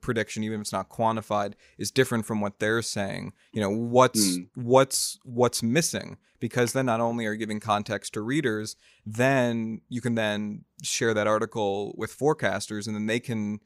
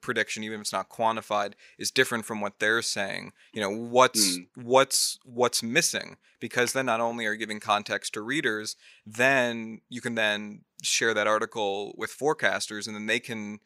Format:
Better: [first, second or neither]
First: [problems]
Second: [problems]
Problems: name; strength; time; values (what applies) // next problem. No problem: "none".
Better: first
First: none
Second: thin; very slightly; fading below 450 Hz